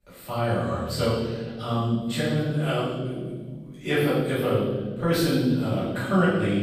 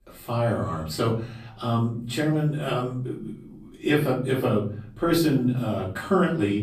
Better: second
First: room echo; strong; dies away in 1.6 s // off-mic speech; far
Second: room echo; slight; dies away in 0.6 s // off-mic speech; far

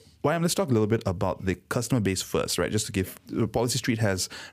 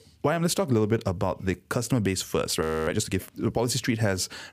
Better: first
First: none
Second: audio freezing; at 2.5 s

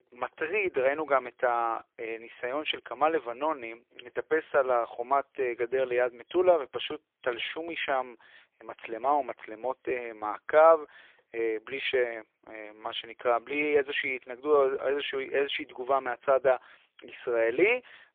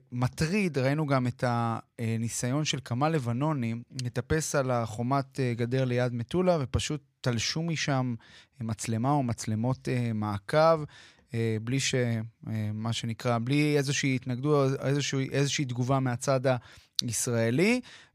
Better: second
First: phone-call audio; poor line; nothing above 3.5 kHz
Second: none

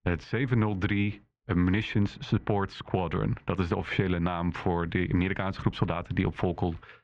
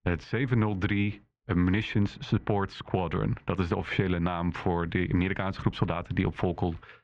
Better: neither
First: muffled; very; fading above 2.5 kHz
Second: muffled; very; fading above 2.5 kHz

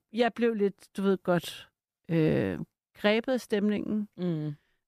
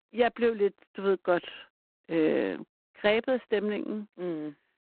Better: first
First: none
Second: phone-call audio; poor line; nothing above 4 kHz

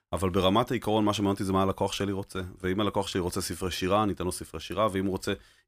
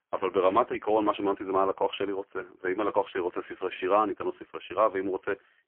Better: first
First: none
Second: phone-call audio; poor line; nothing above 3.5 kHz

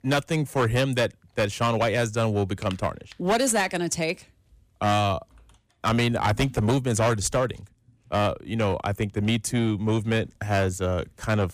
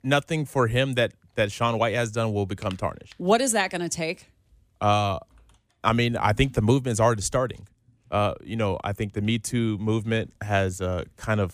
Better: second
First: distortion; slight; 8% of the sound clipped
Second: none

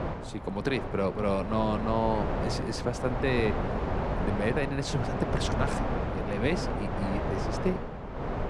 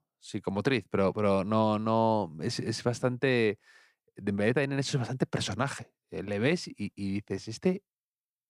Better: second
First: wind noise on the microphone; heavy; 2 dB below the speech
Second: none

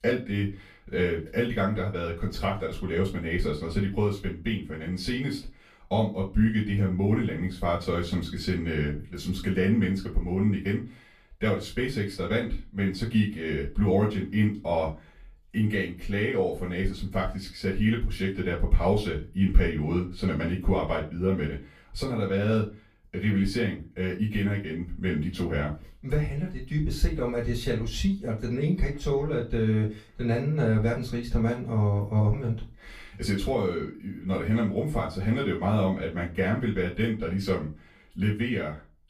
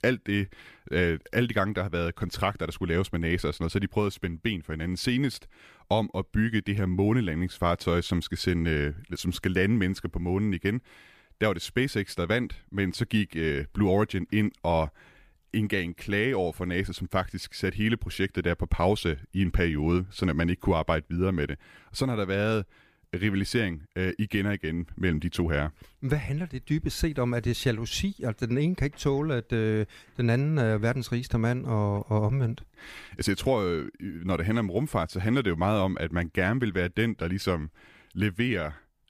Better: second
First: off-mic speech; far // room echo; slight; dies away in 0.3 s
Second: none

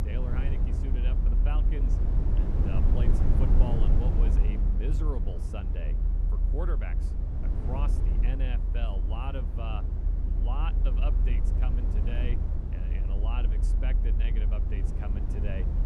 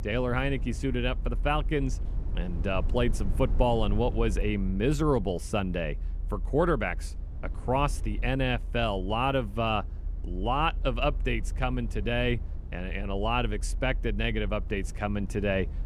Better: second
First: low rumble; loud; throughout; 1 dB below the speech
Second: low rumble; faint; throughout; 20 dB below the speech

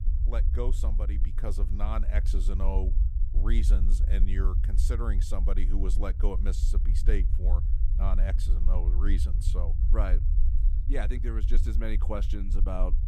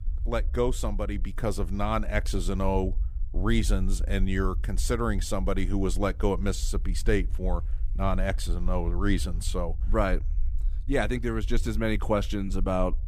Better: second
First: low rumble; loud; throughout; 9 dB below the speech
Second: low rumble; faint; throughout; 25 dB below the speech

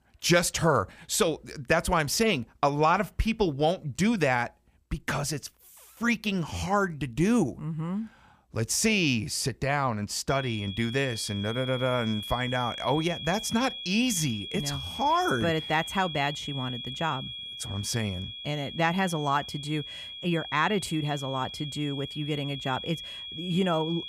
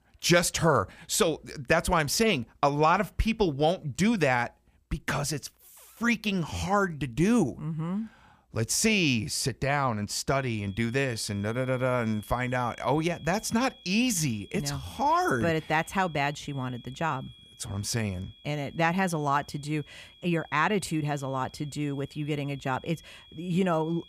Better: second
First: high-pitched whine; loud; from 10 s on; 3.5 kHz, 9 dB below the speech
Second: high-pitched whine; faint; from 10 s on; 3.5 kHz, 25 dB below the speech

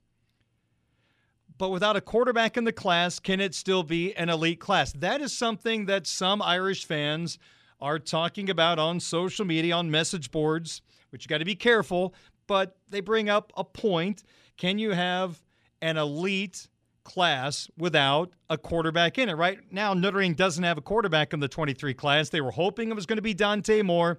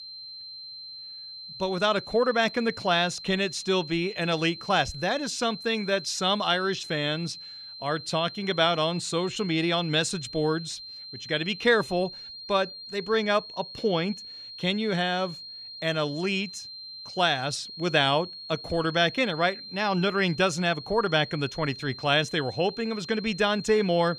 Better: first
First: none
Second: high-pitched whine; noticeable; throughout; 4 kHz, 10 dB below the speech

